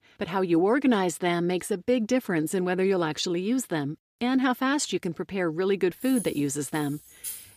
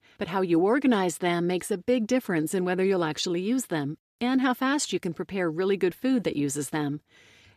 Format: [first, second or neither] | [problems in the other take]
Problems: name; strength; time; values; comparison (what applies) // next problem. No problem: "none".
second | jangling keys; noticeable; from 6 s on; peak 10 dB below the speech